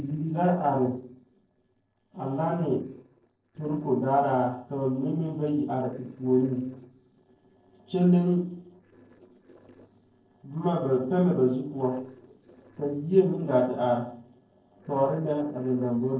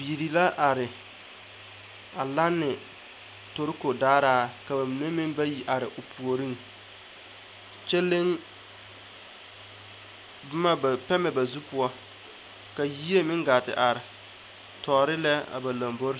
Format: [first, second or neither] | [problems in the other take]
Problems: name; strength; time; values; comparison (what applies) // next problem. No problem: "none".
second | noise reduction (neural separator model SepFormer DNS4)